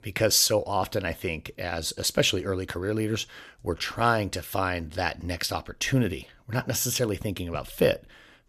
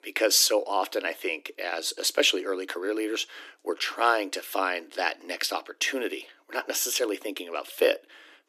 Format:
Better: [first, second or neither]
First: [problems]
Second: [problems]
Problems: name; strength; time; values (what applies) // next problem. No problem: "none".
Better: first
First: none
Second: thin; somewhat; fading below 300 Hz